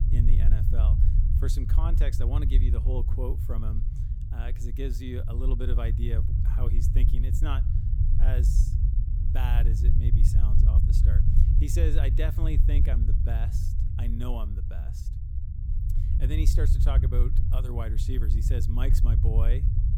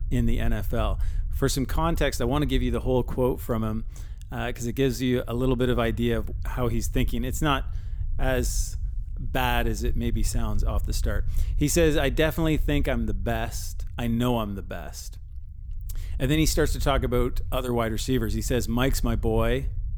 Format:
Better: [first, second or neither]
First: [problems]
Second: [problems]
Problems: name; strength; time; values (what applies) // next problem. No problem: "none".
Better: second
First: low rumble; loud; throughout; 3 dB below the speech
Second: low rumble; faint; throughout; 25 dB below the speech